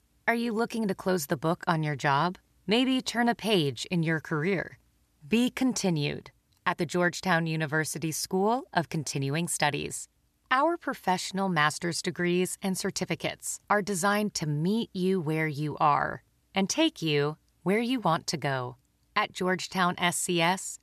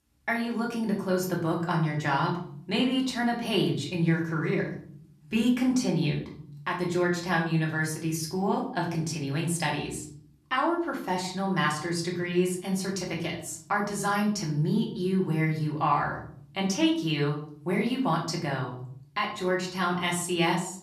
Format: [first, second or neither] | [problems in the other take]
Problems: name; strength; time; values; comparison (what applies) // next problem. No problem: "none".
first | room echo; slight; dies away in 0.6 s // off-mic speech; far